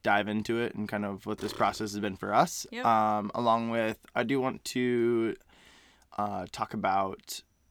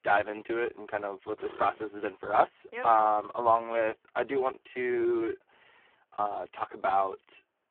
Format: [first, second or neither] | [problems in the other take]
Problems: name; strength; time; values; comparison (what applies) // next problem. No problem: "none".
first | phone-call audio; poor line; nothing above 3.5 kHz